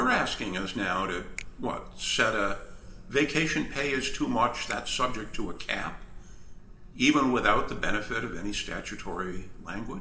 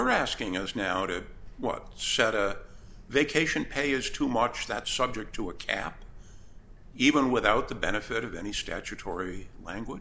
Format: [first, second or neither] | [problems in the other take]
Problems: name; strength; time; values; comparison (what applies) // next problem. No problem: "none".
second | background sound (Finger snapping); 20 dB below the speech // room echo; dies away in 1.9 s